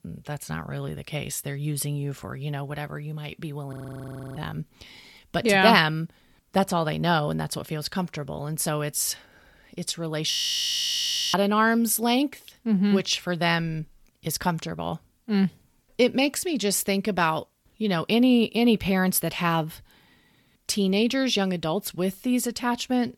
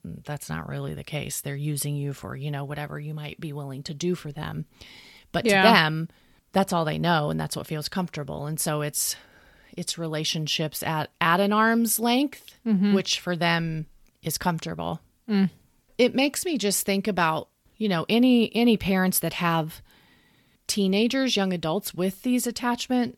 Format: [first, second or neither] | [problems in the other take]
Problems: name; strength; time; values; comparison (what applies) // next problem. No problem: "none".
second | audio freezing; at 3.5 s for 0.5 s and at 10 s for 1 s